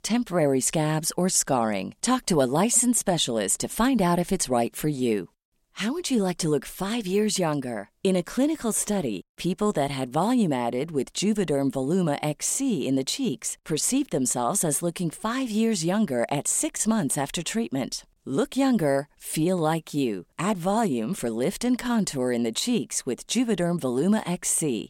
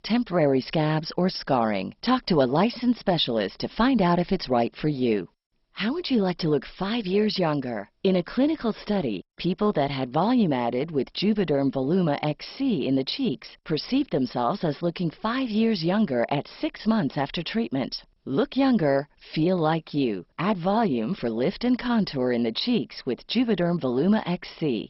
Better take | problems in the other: first | garbled, watery; badly; nothing above 5.5 kHz

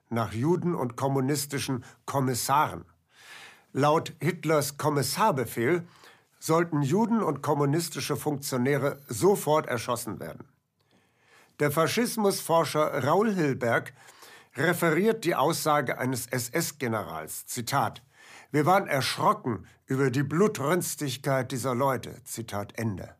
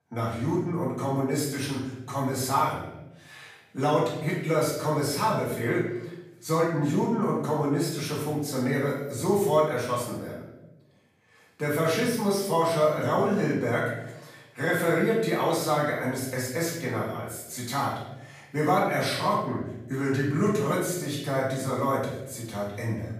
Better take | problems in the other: first | off-mic speech; far // room echo; noticeable; dies away in 0.8 s

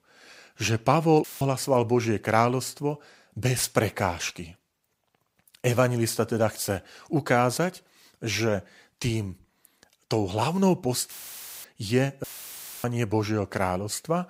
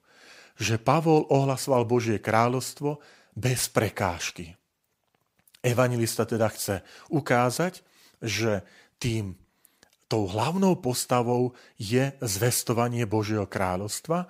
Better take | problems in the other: second | audio cutting out; filled with static; at 1 s, at 11 s for 0.5 s and at 12 s for 0.5 s

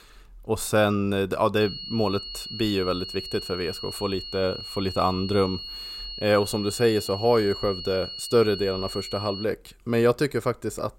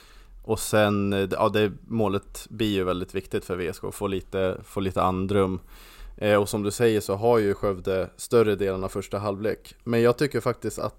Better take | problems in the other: second | high-pitched whine; loud; from 1.5 to 9.5 s; 4.5 kHz, 9 dB below the speech

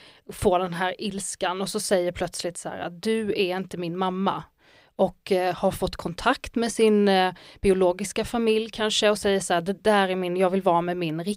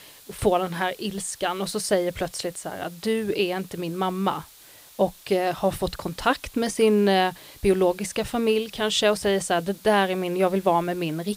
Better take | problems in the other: first | hiss; faint; throughout; 20 dB below the speech

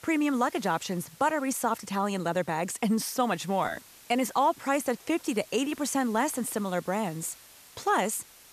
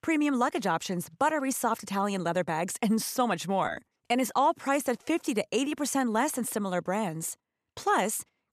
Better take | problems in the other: second | hiss; faint; throughout; 20 dB below the speech

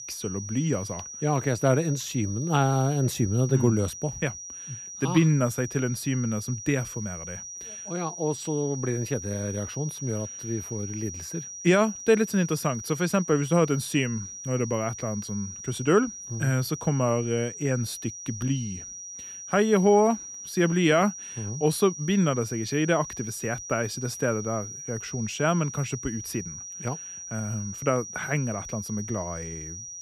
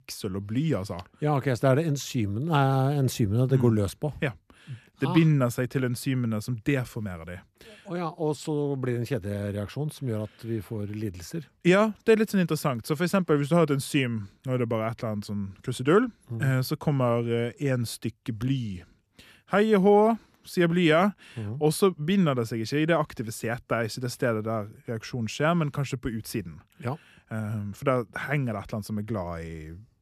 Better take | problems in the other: second | high-pitched whine; loud; throughout; 6 kHz, 10 dB below the speech

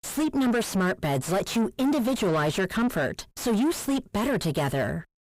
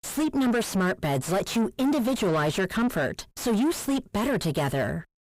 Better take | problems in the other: neither | distortion; heavy; 5 dB below the speech; the same in both

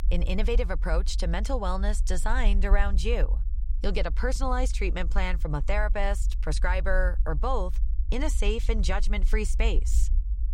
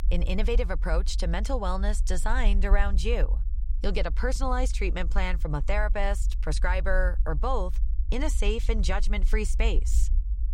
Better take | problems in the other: neither | low rumble; faint; throughout; 20 dB below the speech; the same in both

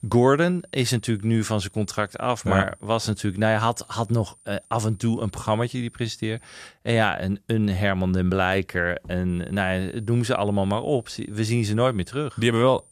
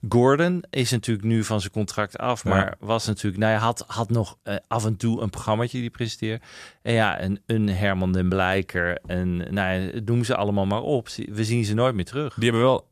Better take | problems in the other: second | high-pitched whine; faint; until 6.5 s and from 9.5 s on; 9 kHz, 30 dB below the speech

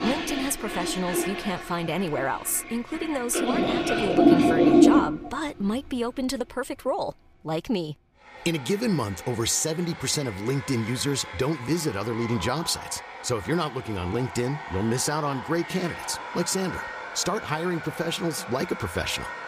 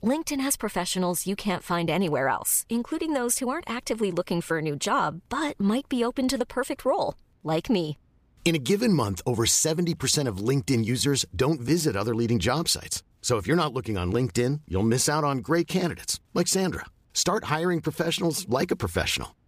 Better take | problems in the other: second | household noises; very loud; throughout; as loud as the speech

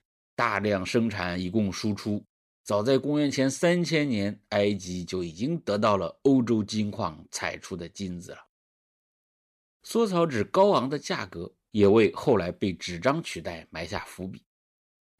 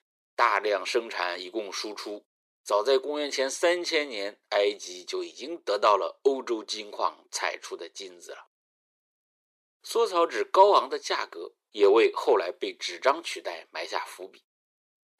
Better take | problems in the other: first | thin; very; fading below 350 Hz

